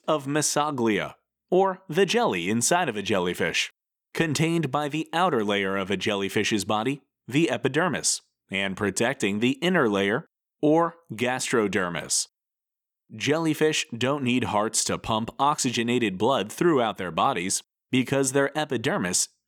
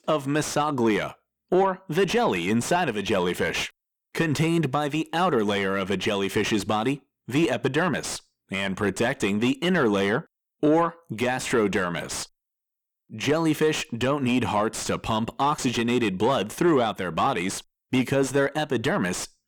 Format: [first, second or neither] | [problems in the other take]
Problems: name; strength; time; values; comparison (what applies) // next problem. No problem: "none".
first | distortion; slight; 10 dB below the speech